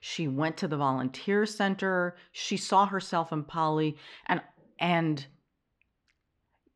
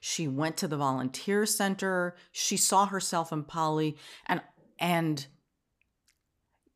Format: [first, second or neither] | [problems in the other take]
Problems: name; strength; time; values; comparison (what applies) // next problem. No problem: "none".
second | muffled; slightly; fading above 3 kHz